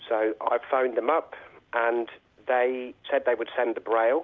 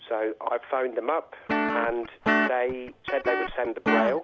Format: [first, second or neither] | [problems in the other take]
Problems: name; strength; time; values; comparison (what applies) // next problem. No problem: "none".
first | background sound (Guitar); 1 dB above the speech